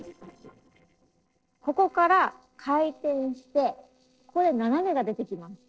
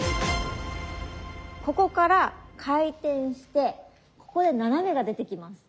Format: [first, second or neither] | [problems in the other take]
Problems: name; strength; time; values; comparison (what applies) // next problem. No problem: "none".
second | noise reduction (neural separator model SepFormer DNS4)